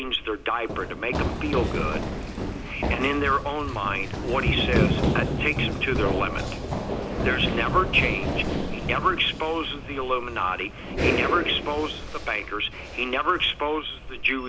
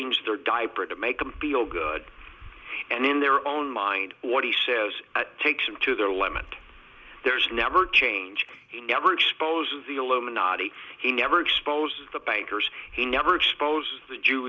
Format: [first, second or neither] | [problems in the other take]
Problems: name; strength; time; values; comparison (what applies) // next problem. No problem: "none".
second | background sound (Run); 1 dB below the speech